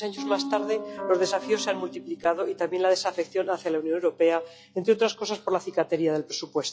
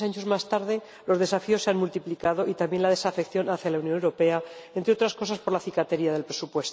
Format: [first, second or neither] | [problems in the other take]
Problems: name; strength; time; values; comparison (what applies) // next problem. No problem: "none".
second | noise reduction (classical method log-MMSE)